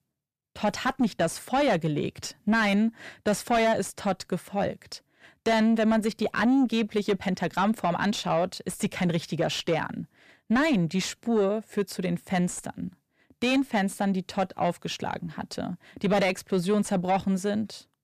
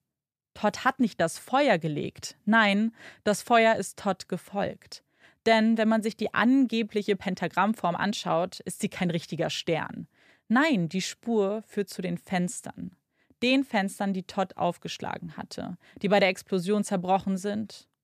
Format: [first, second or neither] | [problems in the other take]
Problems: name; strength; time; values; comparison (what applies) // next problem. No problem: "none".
second | distortion; slight; 10 dB below the speech